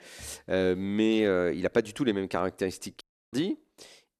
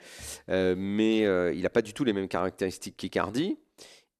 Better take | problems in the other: second | audio cutting out; at 3 s

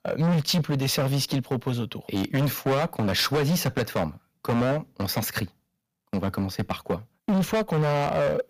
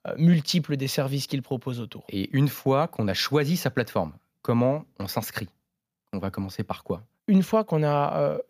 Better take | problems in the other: second | distortion; heavy; 17% of the sound clipped

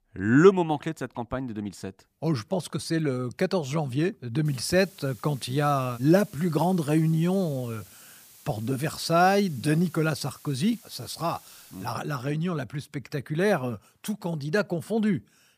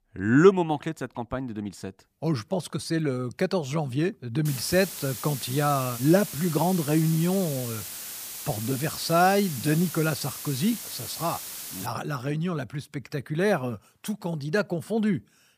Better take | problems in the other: first | hiss; loud; from 4.5 to 12 s; 8 dB below the speech; faint in the first

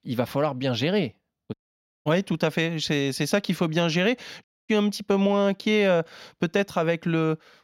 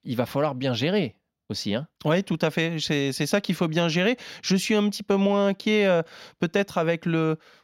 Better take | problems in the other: second | audio cutting out; at 1.5 s for 0.5 s and at 4.5 s

